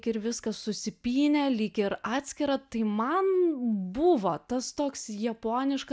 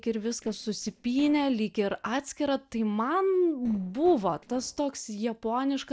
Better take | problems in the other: first | noise reduction (neural separator model SepFormer DNS4)

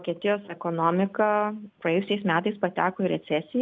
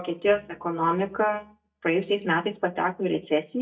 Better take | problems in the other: first | noise reduction (neural mask model DeepFilterNet 3)

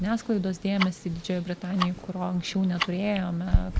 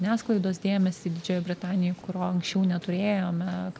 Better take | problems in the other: second | background sound (Tick-tock); 3 dB below the speech

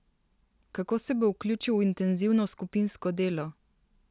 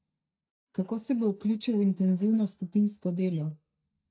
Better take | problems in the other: first | noise reduction (neural mask model DeepFilterNet 3)

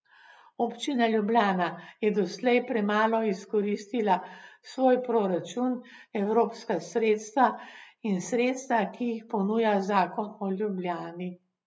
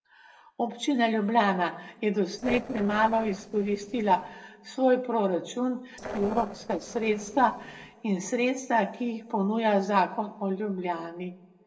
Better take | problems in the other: first | noise reduction (neural separator model SepFormer DNS4)

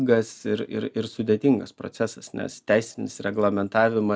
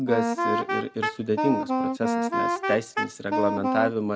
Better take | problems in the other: first | background sound (Wind instrument, woodwind instrument); 1 dB above the speech

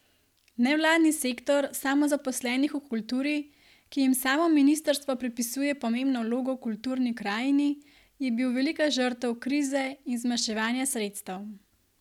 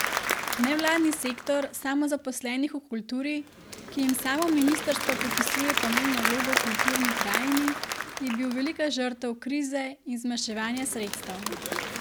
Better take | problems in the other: first | background sound (Applause / Crowd); 3 dB below the speech

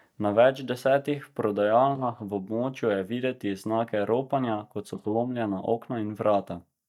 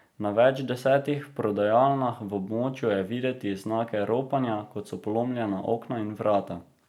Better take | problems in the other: second | noise reduction (neural mask model DeepFilterNet 3)

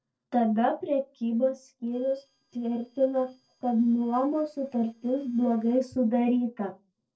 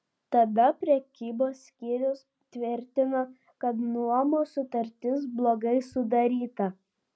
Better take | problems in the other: second | noise reduction (neural separator model SepFormer DNS4)

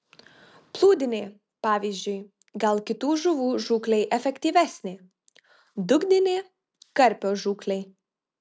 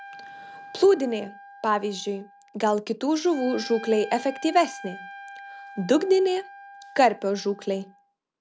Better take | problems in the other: first | background sound (Trumpet); 18 dB below the speech

